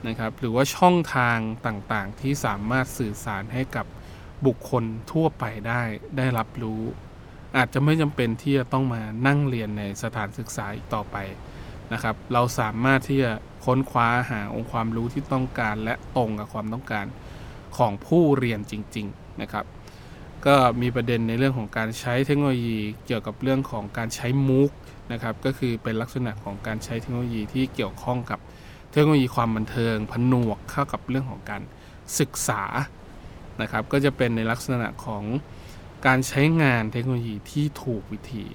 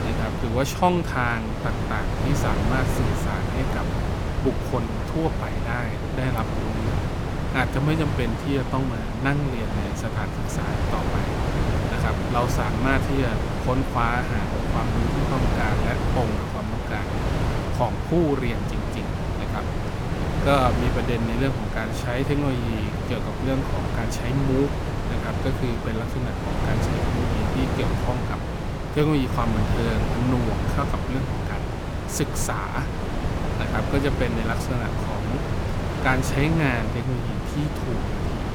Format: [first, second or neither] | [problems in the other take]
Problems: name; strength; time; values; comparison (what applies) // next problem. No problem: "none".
first | wind noise on the microphone; heavy; 2 dB below the speech; occasional gusts in the first